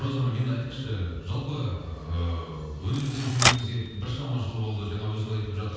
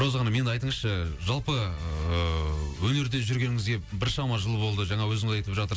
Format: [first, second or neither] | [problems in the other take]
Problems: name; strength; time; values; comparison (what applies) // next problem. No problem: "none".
second | background sound (Typewriter); 2 dB below the speech // room echo; dies away in 1.2 s